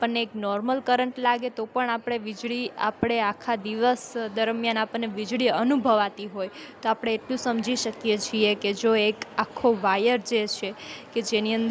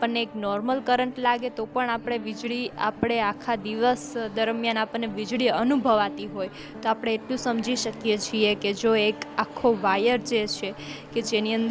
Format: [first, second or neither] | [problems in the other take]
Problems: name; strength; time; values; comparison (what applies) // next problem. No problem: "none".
first | background sound (Guitar); 16 dB below the speech